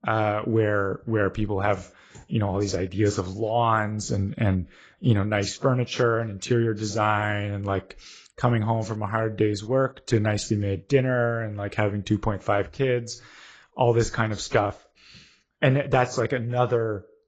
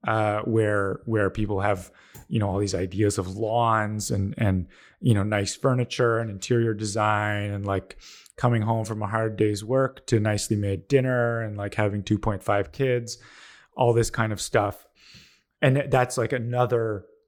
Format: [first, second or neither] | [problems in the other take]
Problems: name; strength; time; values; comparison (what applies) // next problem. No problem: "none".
second | garbled, watery; badly; nothing above 7.5 kHz